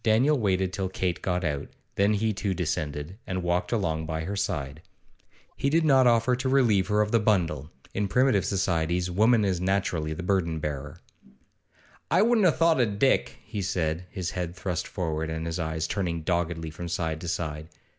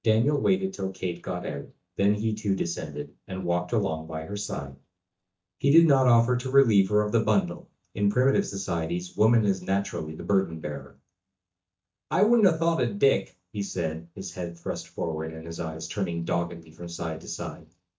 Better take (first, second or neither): first